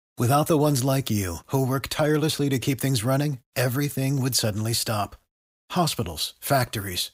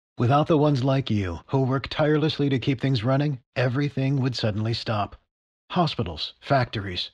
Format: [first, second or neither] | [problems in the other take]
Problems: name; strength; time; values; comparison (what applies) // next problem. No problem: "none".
first | muffled; very slightly; fading above 4 kHz